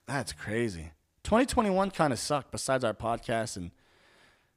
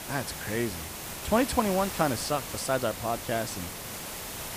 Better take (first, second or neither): first